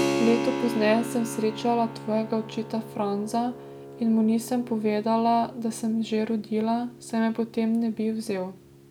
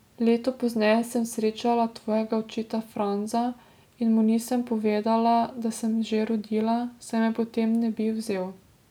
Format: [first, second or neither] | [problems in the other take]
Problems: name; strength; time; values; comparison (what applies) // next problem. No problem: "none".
second | background sound (Keyboard (musical)); 9 dB below the speech